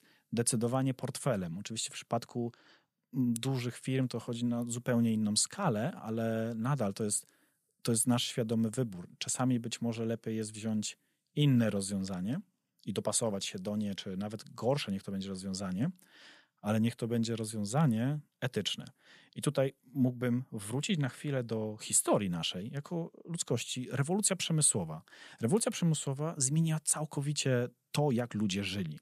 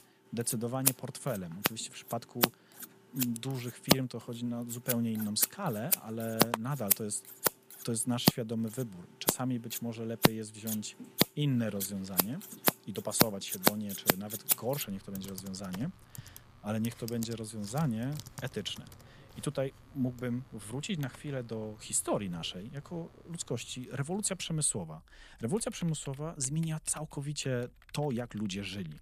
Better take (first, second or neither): first